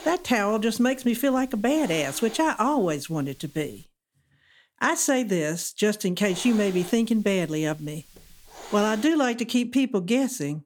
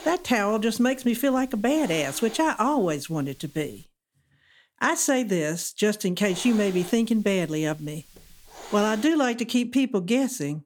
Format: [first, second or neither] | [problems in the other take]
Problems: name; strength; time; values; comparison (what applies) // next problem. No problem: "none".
neither | hiss; faint; until 4 s and from 6 to 9 s; 20 dB below the speech; the same in both